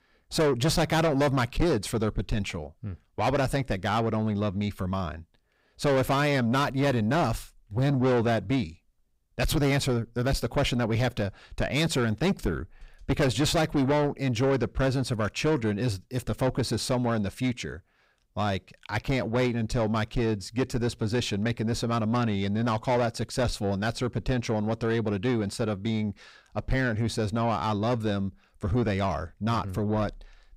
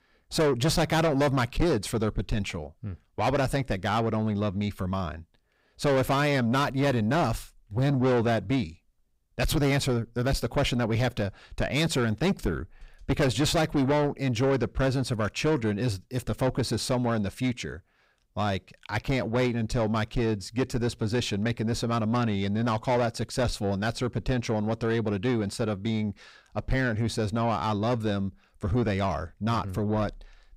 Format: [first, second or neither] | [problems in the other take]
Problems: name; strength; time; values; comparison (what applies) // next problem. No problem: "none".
neither | distortion; heavy; 8 dB below the speech; the same in both